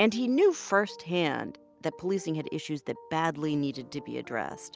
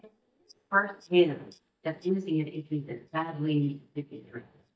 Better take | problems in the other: first | noise reduction (neural mask model DeepFilterNet 3)

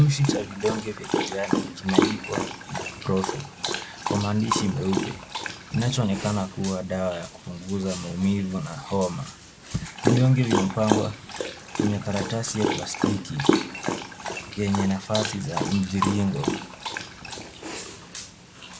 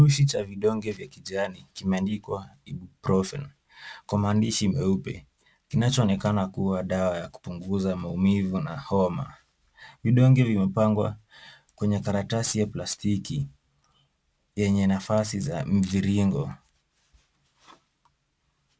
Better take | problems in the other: second | background sound (Dog); 2 dB below the speech

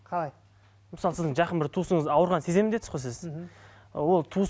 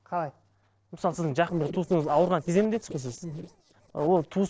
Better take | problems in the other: first | noise reduction (neural separator model SepFormer DNS4)

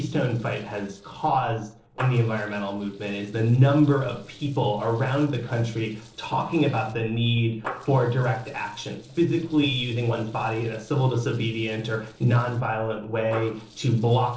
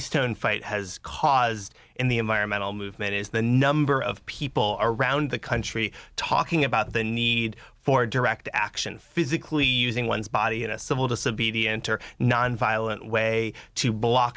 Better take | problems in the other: second | noise reduction (neural separator model SepFormer DNS4)

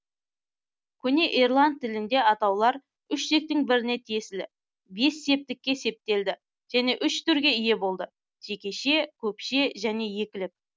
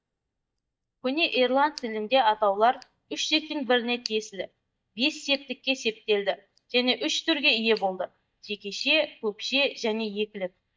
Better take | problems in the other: first | noise reduction (neural mask model DeepFilterNet 3)

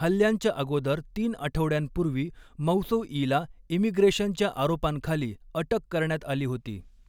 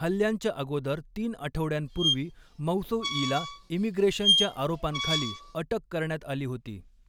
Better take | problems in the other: first | background sound (Squeak); as loud as the speech

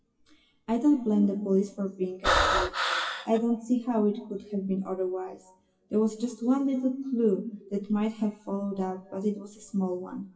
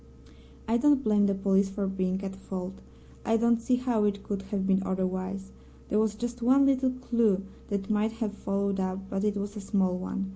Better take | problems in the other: second | noise reduction (classical method WPE with log-MMSE)

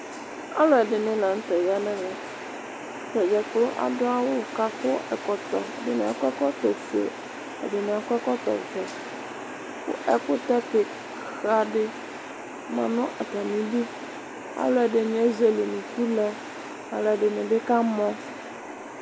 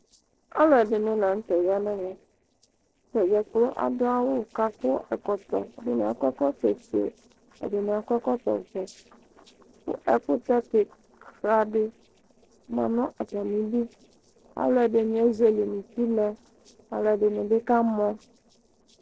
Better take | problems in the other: first | noise reduction (neural separator model SepFormer DNS4)

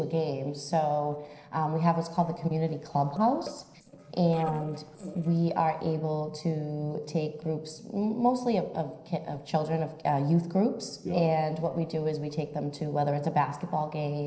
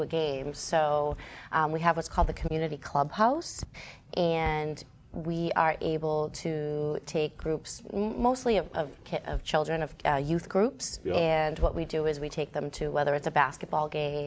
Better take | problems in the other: second | noise reduction (neural separator model SepFormer DNS4)

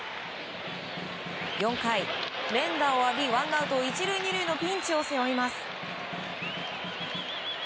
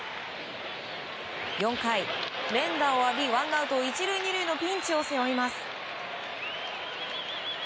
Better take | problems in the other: second | background sound (Snare drum); 15 dB below the speech

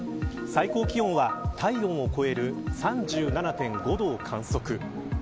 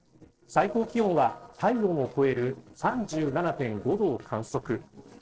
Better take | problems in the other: first | noise reduction (neural separator model SepFormer DNS4)

